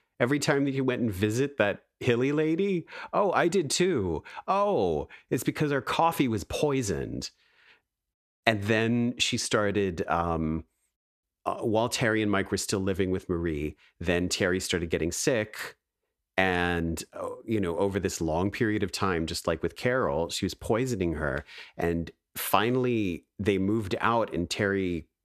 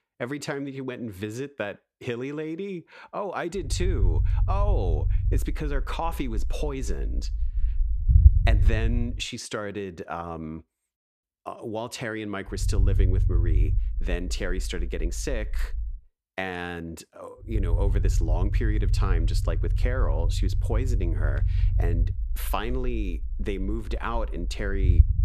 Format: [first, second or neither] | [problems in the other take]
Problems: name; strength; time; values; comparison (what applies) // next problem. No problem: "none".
first | low rumble; noticeable; from 3.5 to 9 s, from 13 to 16 s and from 18 s on; 10 dB below the speech